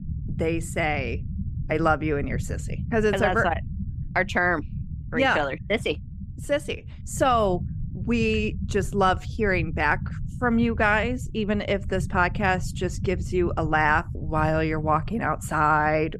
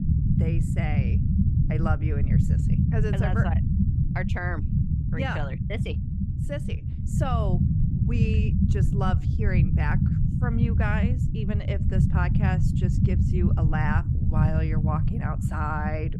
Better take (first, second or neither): first